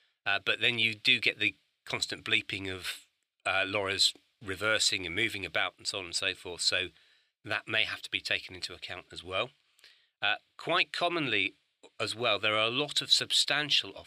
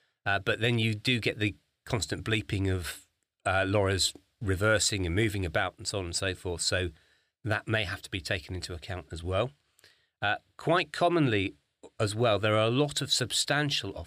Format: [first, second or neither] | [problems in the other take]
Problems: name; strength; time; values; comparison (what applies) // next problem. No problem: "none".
second | thin; somewhat; fading below 700 Hz